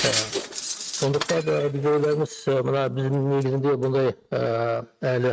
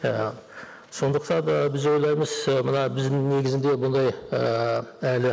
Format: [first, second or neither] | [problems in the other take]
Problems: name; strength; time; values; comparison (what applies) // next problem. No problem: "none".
second | noise reduction (neural mask model RNNoise)